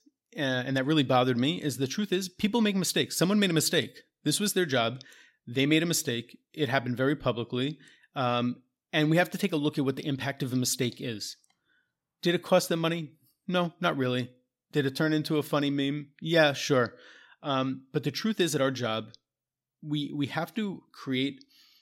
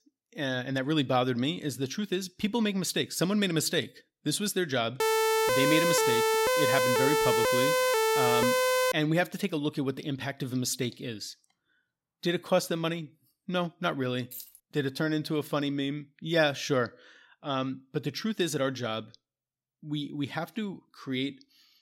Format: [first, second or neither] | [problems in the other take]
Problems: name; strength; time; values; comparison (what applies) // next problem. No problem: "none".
first | siren; loud; from 5 to 9 s; peak 6 dB above the speech // jangling keys; faint; at 14 s; peak 10 dB below the speech